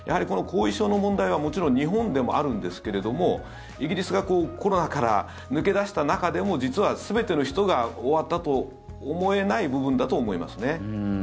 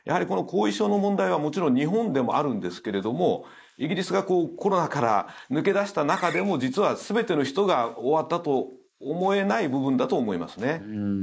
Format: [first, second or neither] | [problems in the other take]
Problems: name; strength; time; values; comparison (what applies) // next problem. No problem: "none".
first | noise reduction (neural mask model Resemble Enhance denoiser)